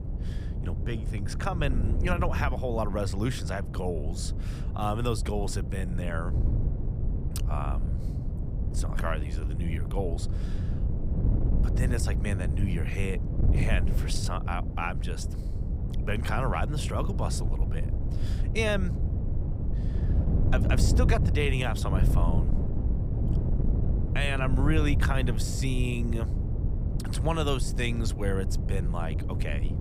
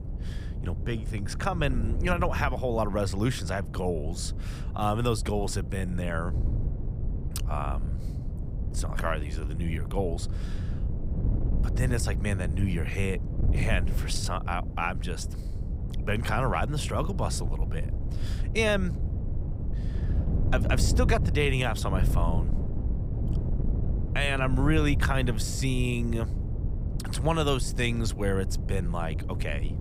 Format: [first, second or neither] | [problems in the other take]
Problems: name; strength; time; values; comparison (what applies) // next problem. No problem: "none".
second | wind noise on the microphone; heavy; 9 dB below the speech; occasional gusts in the second